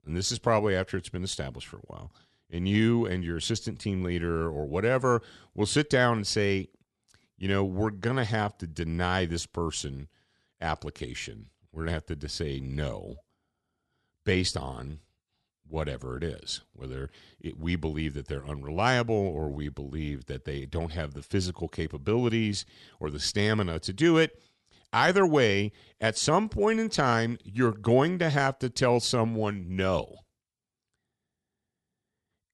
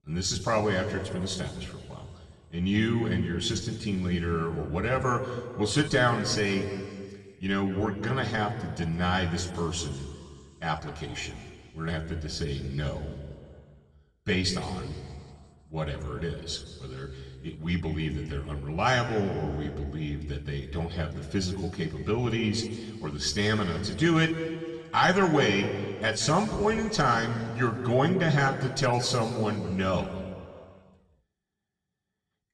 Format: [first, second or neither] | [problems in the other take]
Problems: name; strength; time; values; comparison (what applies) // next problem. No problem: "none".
first | room echo; noticeable; dies away in 1.9 s // off-mic speech; somewhat distant